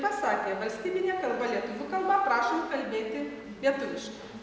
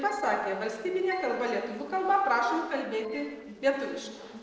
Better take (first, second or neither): first